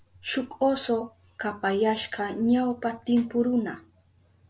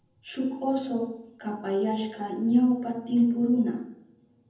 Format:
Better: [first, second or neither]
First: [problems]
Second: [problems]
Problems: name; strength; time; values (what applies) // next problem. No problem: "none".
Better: first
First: none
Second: room echo; dies away in 0.8 s